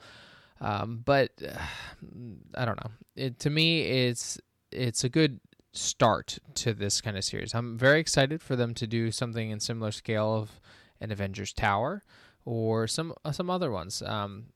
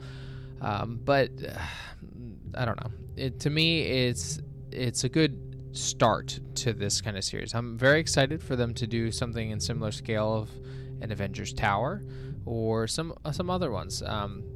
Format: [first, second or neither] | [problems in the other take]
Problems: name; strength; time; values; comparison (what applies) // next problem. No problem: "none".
first | low rumble; faint; throughout; 20 dB below the speech